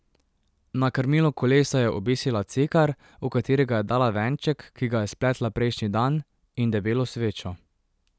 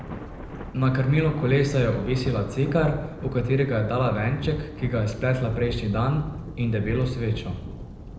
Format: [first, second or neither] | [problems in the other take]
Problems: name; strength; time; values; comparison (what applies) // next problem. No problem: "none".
first | background sound (Thunder); 10 dB below the speech // room echo; dies away in 0.8 s